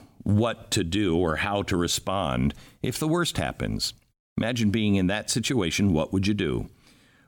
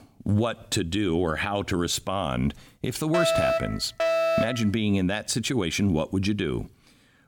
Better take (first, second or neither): first